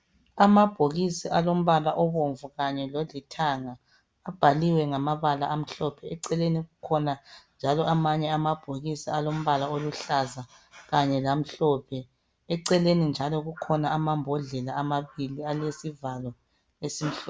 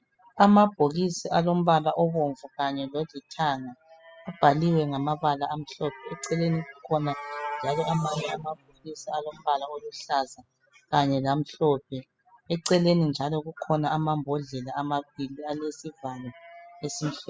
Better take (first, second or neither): first